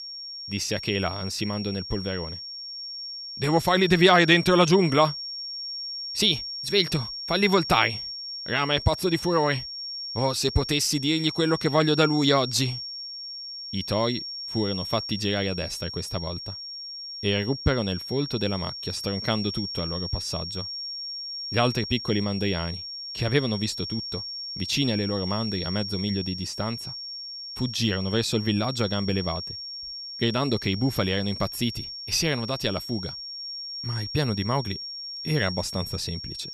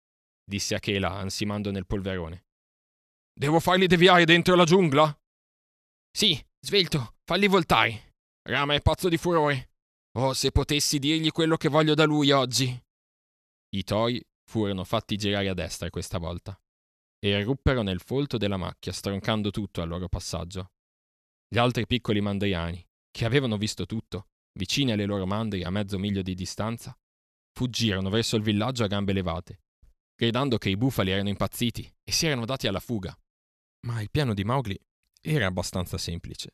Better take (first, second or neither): second